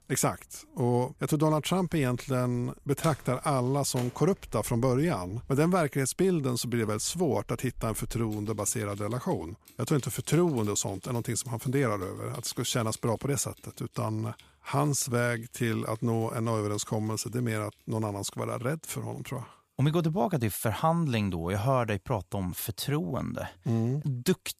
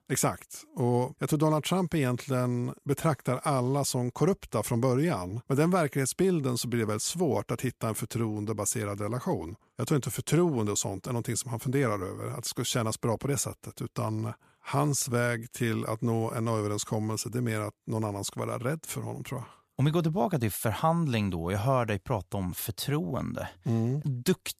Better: second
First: household noises; faint; throughout; 25 dB below the speech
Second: none

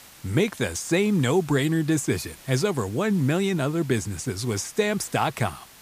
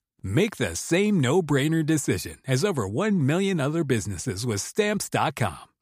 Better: second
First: hiss; faint; throughout; 20 dB below the speech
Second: none

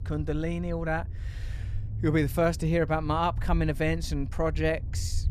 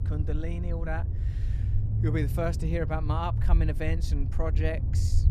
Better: first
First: low rumble; faint; throughout; 20 dB below the speech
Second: low rumble; loud; throughout; 10 dB below the speech

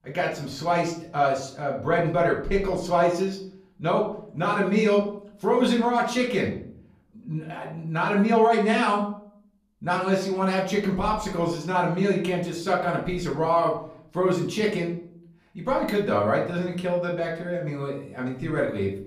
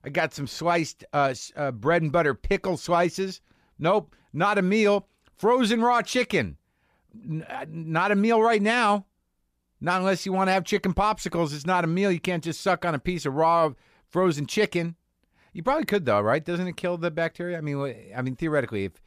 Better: second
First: off-mic speech; far // room echo; slight; dies away in 0.5 s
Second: none

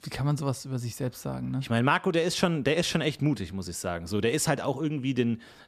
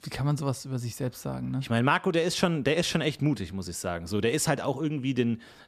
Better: neither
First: none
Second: none

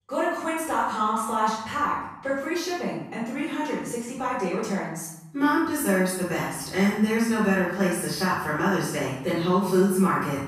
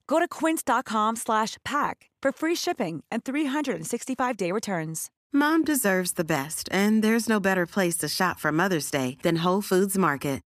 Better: second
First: room echo; strong; dies away in 0.9 s // off-mic speech; far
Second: none

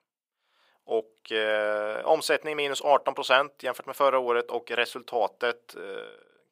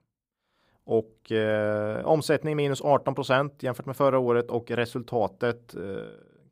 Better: second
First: thin; very; fading below 600 Hz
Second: none

